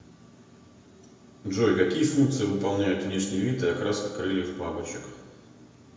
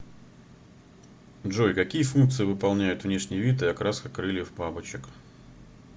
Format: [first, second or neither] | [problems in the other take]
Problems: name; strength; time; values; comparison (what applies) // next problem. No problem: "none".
second | room echo; dies away in 0.9 s